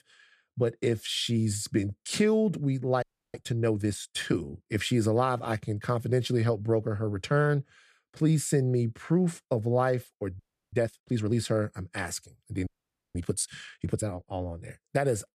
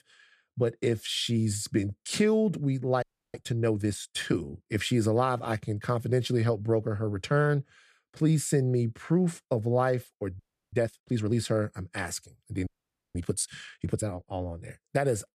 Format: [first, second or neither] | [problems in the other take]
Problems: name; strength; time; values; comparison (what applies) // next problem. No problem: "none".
neither | audio freezing; at 3 s, at 10 s and at 13 s; the same in both